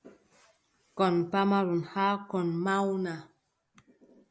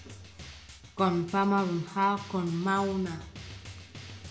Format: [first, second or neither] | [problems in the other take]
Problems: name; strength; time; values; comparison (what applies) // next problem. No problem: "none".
first | background sound (Drum); 15 dB below the speech // room echo; dies away in 0.5 s